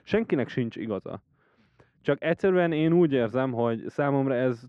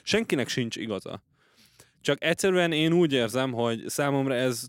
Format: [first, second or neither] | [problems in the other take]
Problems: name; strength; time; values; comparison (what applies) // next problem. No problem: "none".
second | muffled; very; fading above 1.5 kHz